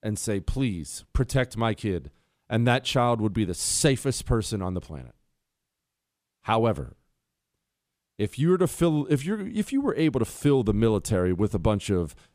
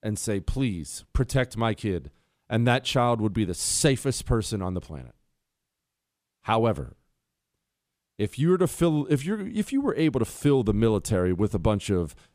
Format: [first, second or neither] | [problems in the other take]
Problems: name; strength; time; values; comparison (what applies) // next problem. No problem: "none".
neither | none